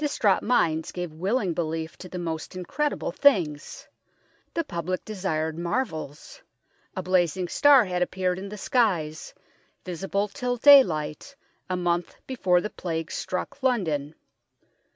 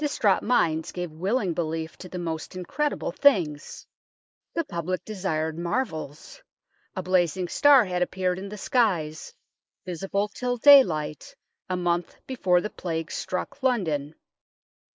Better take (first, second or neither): first